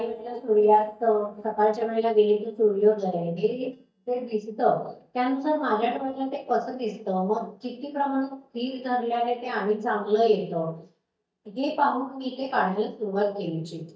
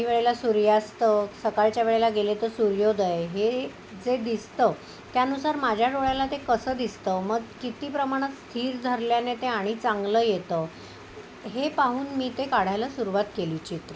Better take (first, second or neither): second